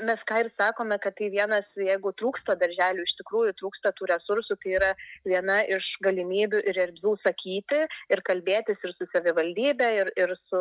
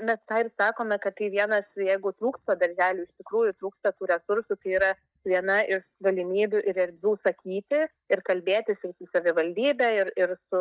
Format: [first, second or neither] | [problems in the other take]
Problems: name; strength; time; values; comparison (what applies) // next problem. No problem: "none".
first | noise reduction (neural mask model DeepFilterNet 3)